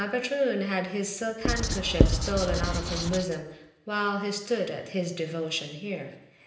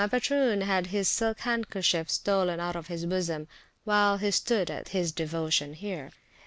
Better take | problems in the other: second | background sound (Writing); 3 dB above the speech // room echo; dies away in 0.9 s

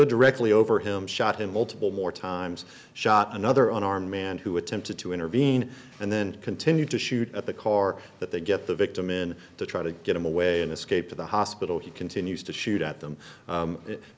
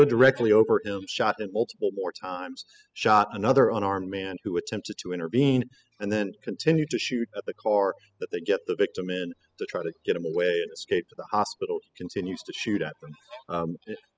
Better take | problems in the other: first | noise reduction (classical method spectral subtraction)

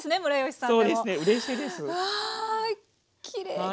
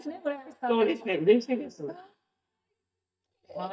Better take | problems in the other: first | noise reduction (neural mask model DeepFilterNet 3)

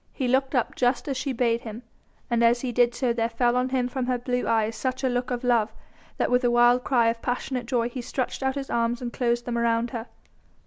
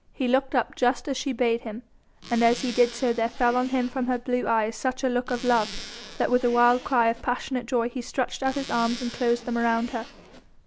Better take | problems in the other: first | background sound (Zipper (clothing)); 16 dB below the speech

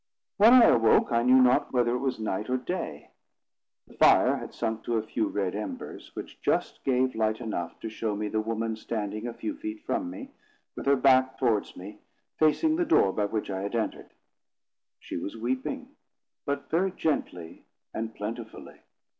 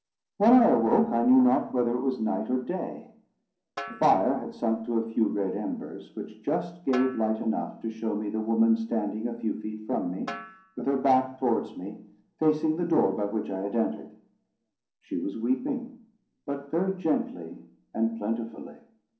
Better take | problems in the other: first | background sound (Snare drum); 17 dB below the speech // room echo; dies away in 0.6 s

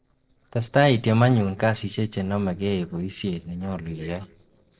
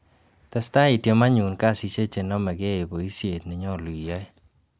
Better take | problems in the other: second | noise reduction (neural separator model SepFormer DNS4)

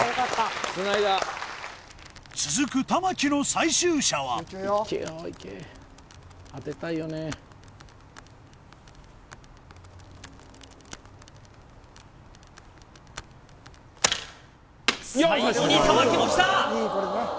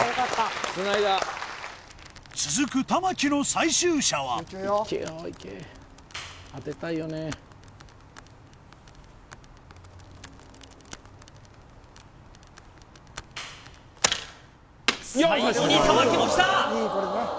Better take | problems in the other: first | background sound (Clapping); 16 dB below the speech

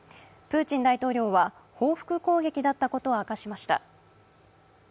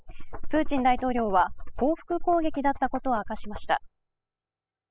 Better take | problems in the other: first | noise reduction (classical method spectral subtraction)

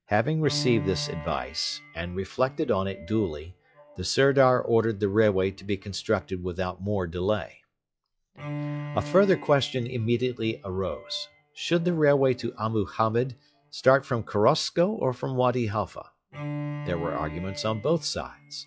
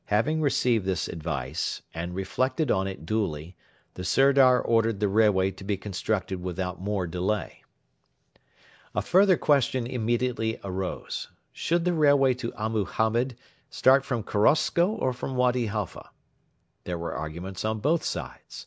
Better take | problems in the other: second | noise reduction (classical method log-MMSE)

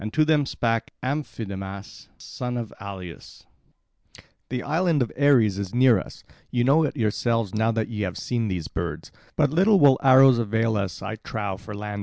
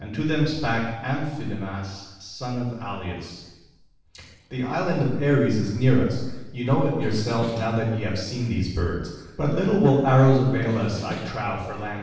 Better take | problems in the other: first | background sound (Snare drum); 16 dB below the speech // room echo; dies away in 0.9 s

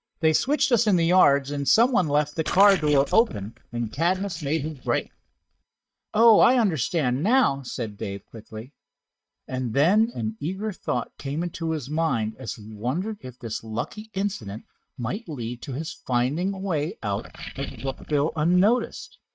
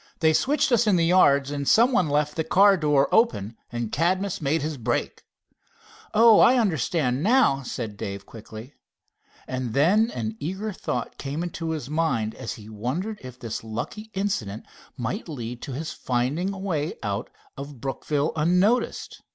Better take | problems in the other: second | noise reduction (neural mask model DeepFilterNet 3)

